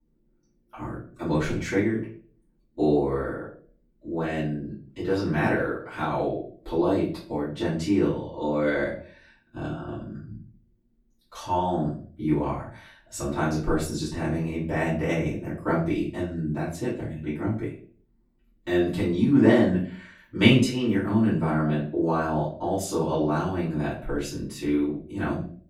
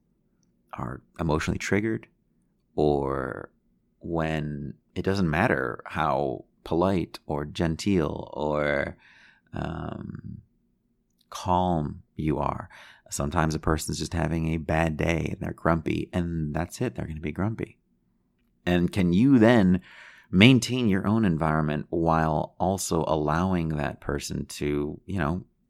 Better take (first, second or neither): second